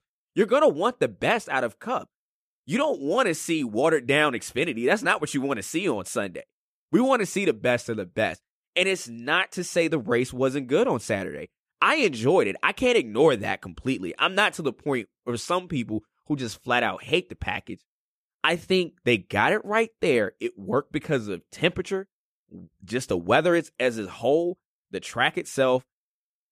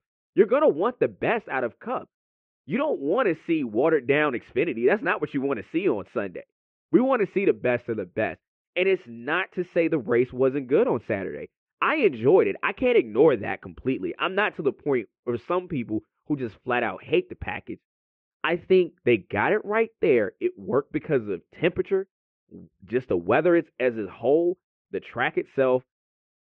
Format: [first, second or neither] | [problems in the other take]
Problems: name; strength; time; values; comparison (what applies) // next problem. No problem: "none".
first | muffled; very; fading above 2.5 kHz